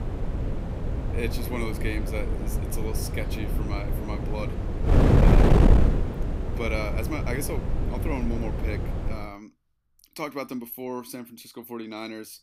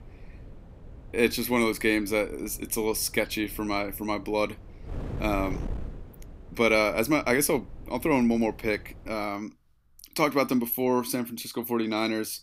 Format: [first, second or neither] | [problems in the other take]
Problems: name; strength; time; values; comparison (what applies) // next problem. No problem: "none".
second | wind noise on the microphone; heavy; until 9 s; 2 dB above the speech; occasional gusts in the second